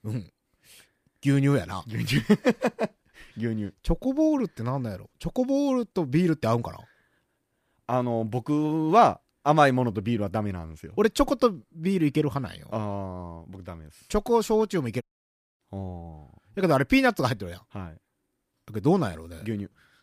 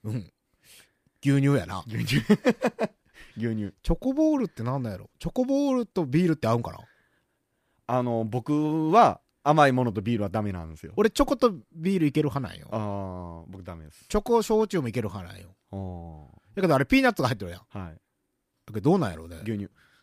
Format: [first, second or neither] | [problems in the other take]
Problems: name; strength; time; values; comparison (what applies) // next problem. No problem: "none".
second | audio cutting out; at 15 s for 0.5 s